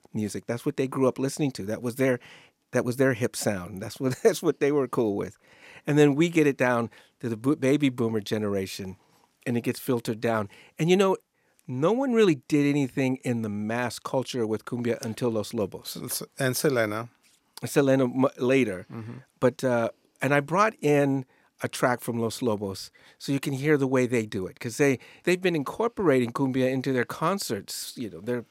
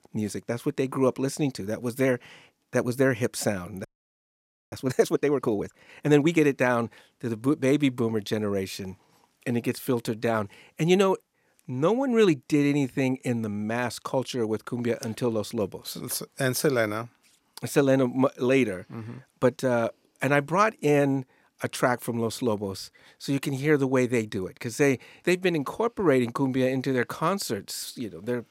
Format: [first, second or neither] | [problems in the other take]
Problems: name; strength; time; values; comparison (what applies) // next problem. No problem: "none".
first | audio freezing; at 4 s for 1 s